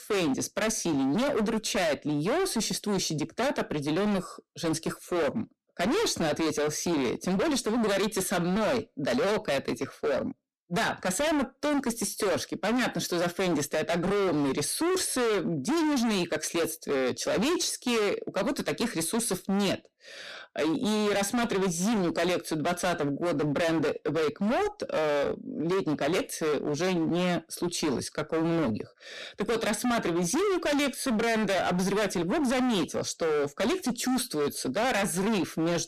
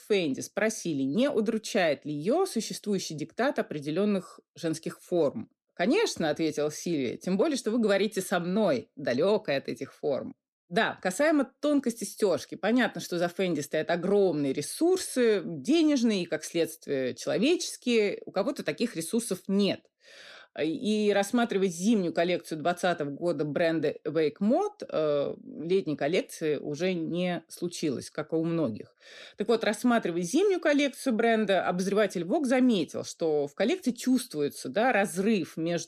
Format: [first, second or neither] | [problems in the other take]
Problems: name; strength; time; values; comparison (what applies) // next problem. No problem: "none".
second | distortion; heavy; 32% of the sound clipped